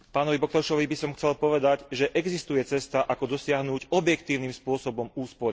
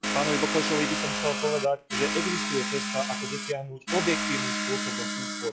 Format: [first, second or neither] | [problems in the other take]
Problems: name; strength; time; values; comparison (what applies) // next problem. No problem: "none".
first | noise reduction (classical method log-MMSE)